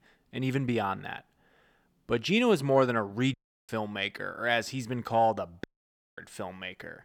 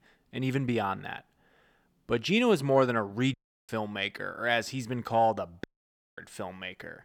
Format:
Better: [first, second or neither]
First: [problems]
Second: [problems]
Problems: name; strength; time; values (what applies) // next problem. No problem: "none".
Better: neither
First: audio cutting out; at 3.5 s and at 5.5 s for 0.5 s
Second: audio cutting out; at 3.5 s and at 5.5 s for 0.5 s